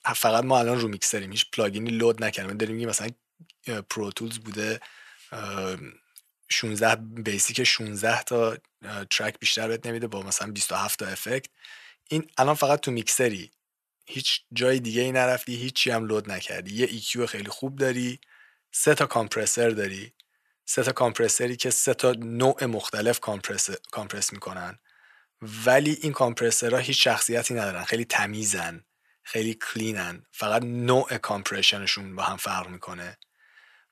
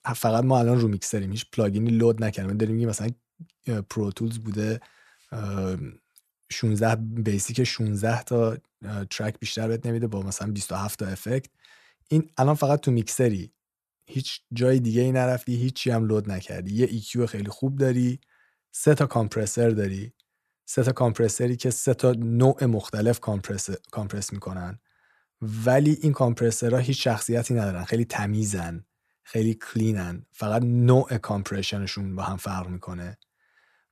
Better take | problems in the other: second | thin; somewhat; fading below 900 Hz

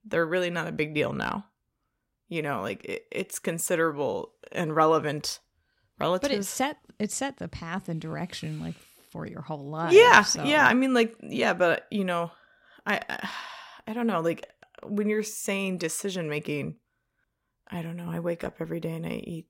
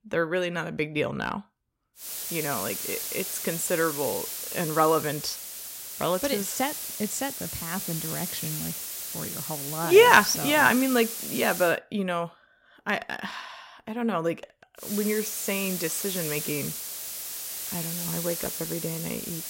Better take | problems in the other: first | hiss; loud; from 2 to 12 s and from 15 s on; 5 dB below the speech

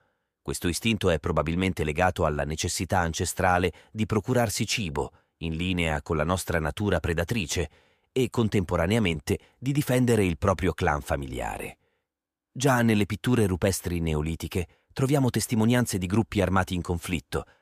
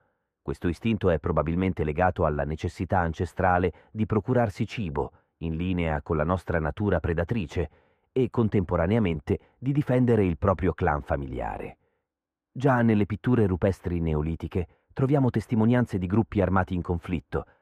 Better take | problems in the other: first | muffled; very; fading above 3 kHz

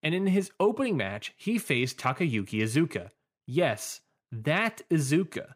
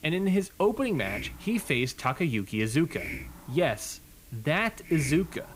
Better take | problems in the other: first | hiss; noticeable; throughout; 15 dB below the speech

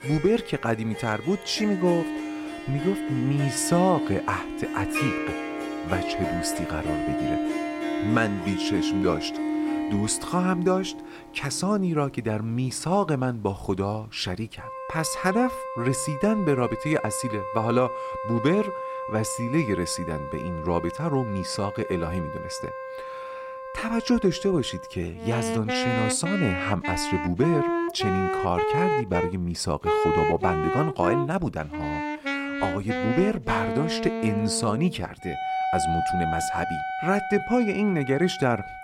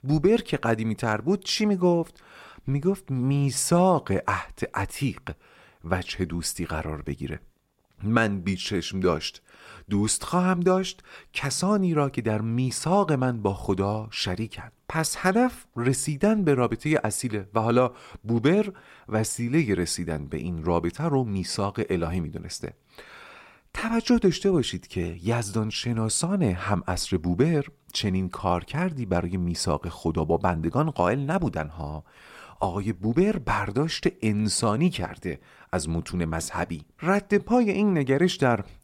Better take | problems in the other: second | background music; loud; throughout; 3 dB below the speech

